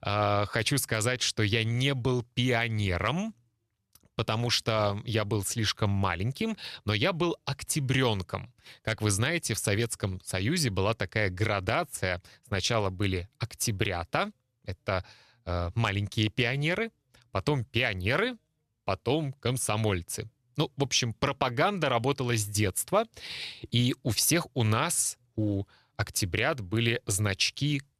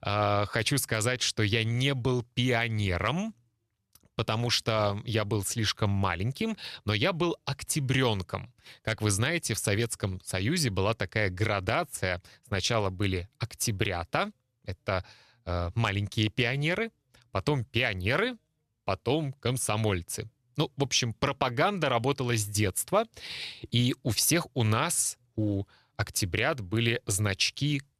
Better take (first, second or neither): neither